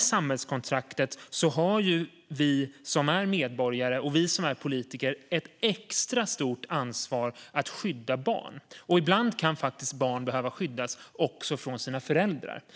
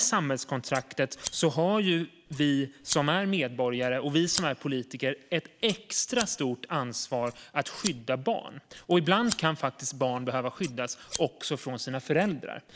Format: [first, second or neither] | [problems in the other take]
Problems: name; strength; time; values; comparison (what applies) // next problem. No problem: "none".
first | background sound (Scissors); 15 dB below the speech